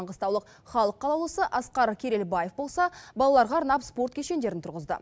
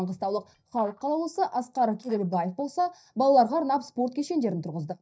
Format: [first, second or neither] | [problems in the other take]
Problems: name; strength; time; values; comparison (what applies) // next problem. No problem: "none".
first | noise reduction (neural mask model DeepFilterNet 3)